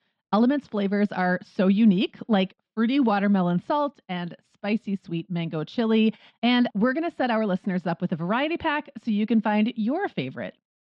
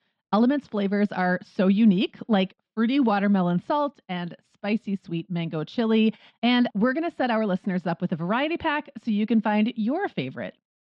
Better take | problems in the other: neither | muffled; slightly; fading above 3.5 kHz; the same in both

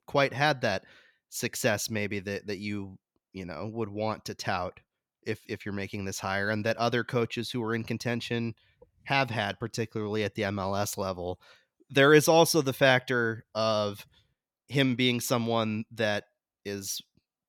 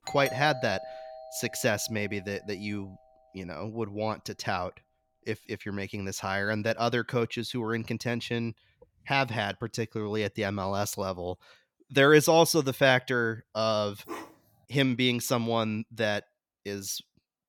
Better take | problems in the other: first | doorbell; noticeable; until 2 s; peak 8 dB below the speech // dog barking; faint; at 14 s; peak 15 dB below the speech

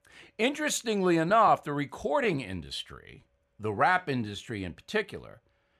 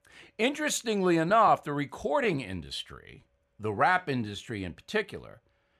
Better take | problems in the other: neither | none

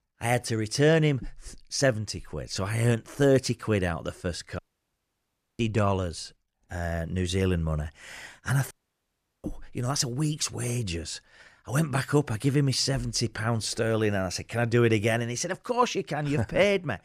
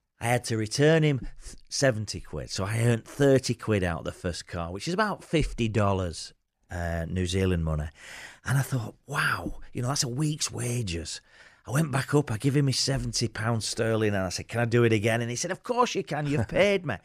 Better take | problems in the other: second | audio cutting out; at 4.5 s for 1 s and at 8.5 s for 0.5 s

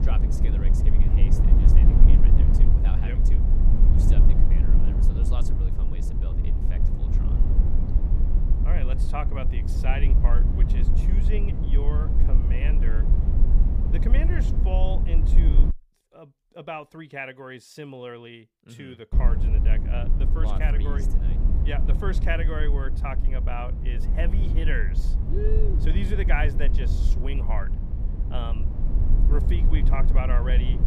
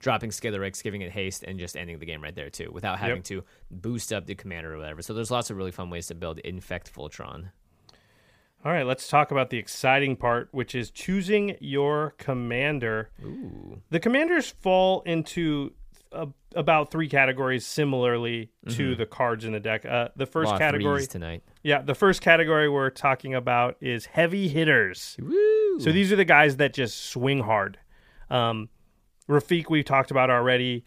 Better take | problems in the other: second | low rumble; loud; until 16 s and from 19 s on; 4 dB below the speech

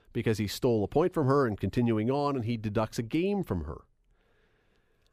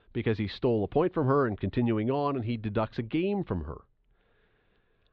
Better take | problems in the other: first | muffled; slightly; fading above 4 kHz

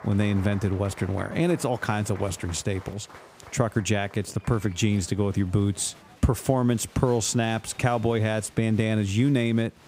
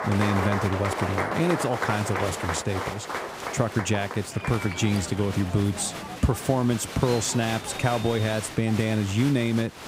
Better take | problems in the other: first | crowd noise; loud; throughout; 6 dB below the speech; faint in the first

